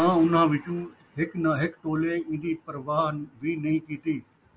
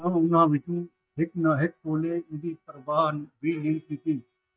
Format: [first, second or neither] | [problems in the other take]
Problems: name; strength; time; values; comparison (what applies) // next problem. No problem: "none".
first | noise reduction (neural mask model DeepFilterNet 3)